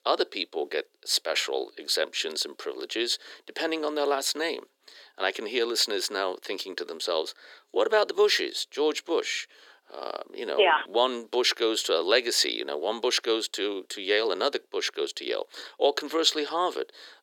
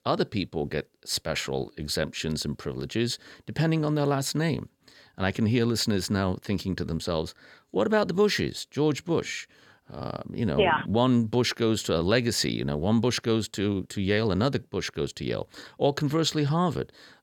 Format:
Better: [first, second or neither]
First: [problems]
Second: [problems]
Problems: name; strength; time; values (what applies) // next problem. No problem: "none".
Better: second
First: thin; very; fading below 350 Hz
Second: none